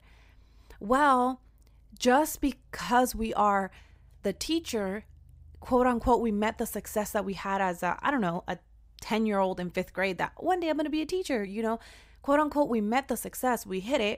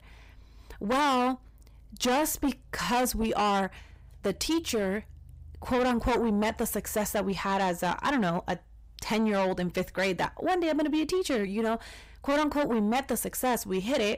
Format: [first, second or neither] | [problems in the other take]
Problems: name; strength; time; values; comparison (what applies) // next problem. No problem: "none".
first | distortion; heavy; 7 dB below the speech